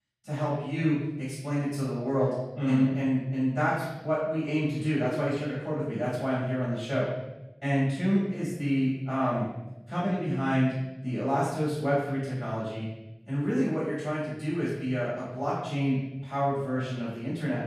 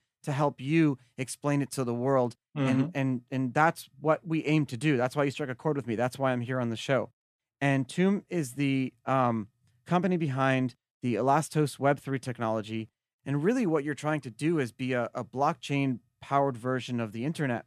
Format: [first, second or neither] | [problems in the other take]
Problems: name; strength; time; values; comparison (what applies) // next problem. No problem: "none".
second | off-mic speech; far // room echo; strong; dies away in 1.1 s